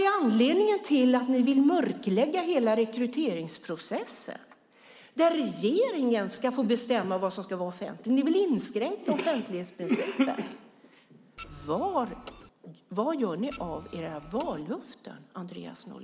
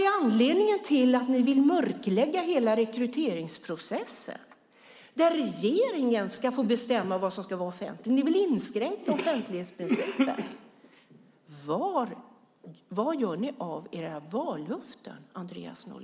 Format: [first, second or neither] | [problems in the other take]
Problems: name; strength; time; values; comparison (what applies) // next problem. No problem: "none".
second | background sound (Printer); 19 dB below the speech